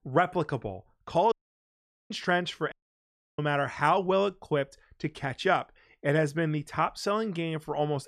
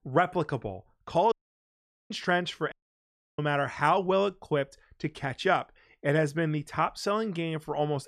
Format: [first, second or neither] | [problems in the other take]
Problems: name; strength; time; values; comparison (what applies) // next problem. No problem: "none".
neither | audio cutting out; at 1.5 s for 1 s and at 2.5 s for 0.5 s; the same in both